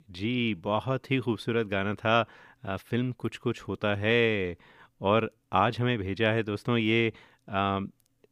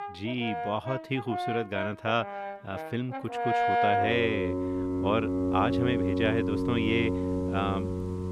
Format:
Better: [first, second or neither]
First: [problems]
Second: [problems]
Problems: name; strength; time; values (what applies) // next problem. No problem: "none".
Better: first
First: none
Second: background music; very loud; throughout; 1 dB above the speech